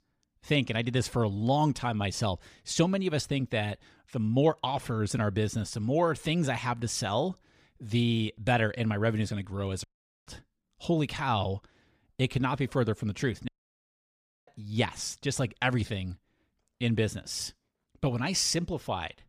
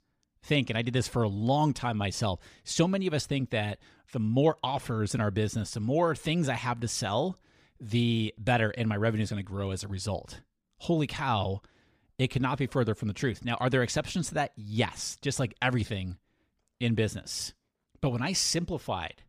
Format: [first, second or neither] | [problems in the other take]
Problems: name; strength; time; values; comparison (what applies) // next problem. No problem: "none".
second | audio cutting out; at 10 s and at 13 s for 1 s